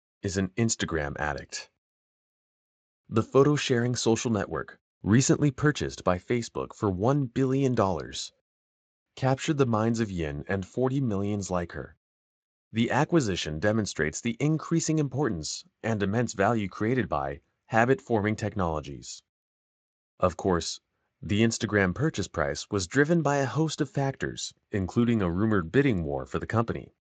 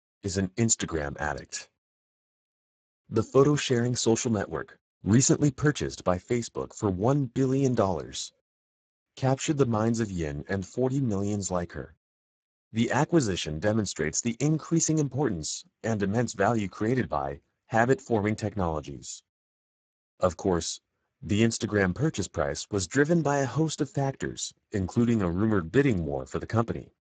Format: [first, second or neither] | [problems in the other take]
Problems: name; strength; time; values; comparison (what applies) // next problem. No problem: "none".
first | garbled, watery; badly; nothing above 7.5 kHz; slightly in the first